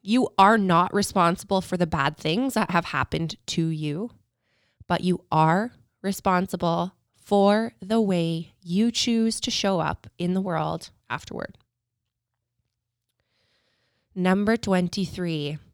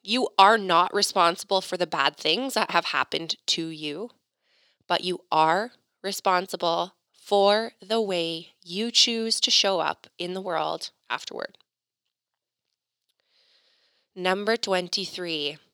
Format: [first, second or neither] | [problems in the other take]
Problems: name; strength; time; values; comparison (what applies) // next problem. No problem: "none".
first | thin; somewhat; fading below 400 Hz